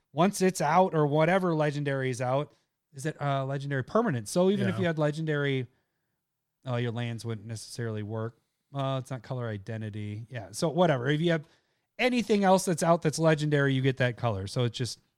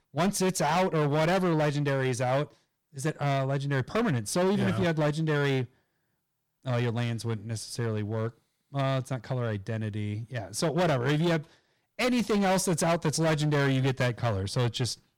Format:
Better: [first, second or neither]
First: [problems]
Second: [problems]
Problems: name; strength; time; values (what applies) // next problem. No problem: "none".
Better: first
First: none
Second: distortion; heavy; 15% of the sound clipped